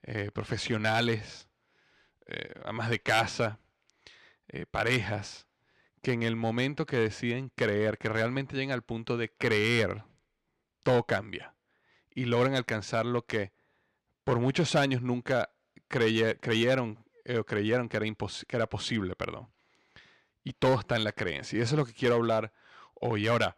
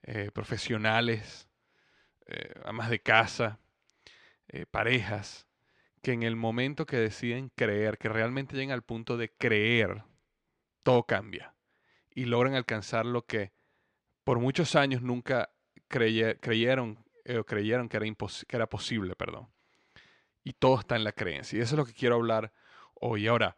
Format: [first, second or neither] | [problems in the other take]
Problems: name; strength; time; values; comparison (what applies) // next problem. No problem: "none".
second | distortion; slight; 1.8% of the sound clipped